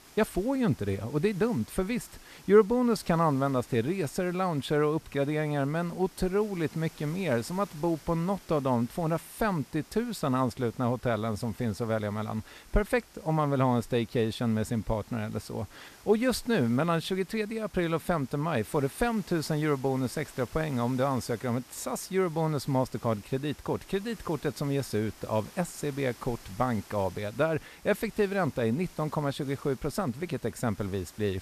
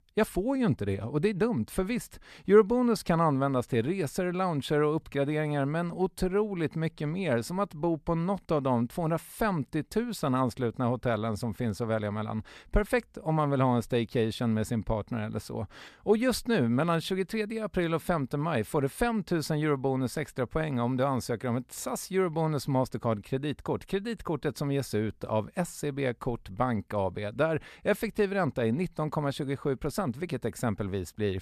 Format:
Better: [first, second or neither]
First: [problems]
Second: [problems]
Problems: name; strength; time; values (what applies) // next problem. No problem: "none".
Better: second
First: hiss; faint; throughout; 20 dB below the speech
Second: none